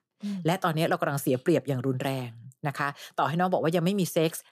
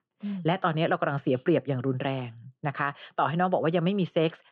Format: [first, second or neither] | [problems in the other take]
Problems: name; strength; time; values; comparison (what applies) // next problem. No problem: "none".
first | muffled; very; fading above 3 kHz